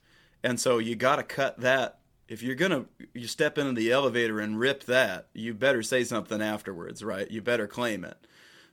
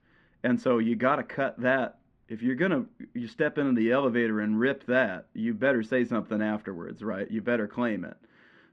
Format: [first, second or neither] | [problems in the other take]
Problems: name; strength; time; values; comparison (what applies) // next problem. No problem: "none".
first | muffled; very; fading above 2 kHz